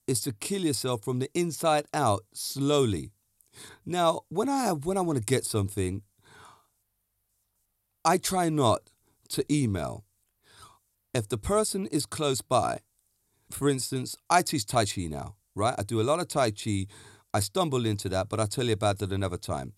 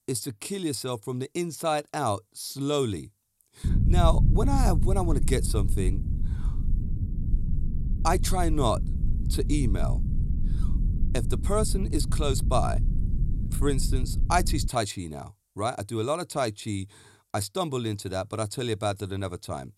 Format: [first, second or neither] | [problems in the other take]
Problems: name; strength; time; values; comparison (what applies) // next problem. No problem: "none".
first | low rumble; noticeable; from 3.5 to 15 s; 15 dB below the speech